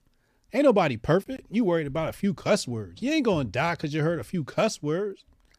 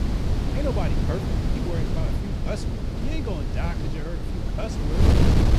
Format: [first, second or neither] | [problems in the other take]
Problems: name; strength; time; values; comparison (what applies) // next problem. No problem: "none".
first | wind noise on the microphone; heavy; 2 dB above the speech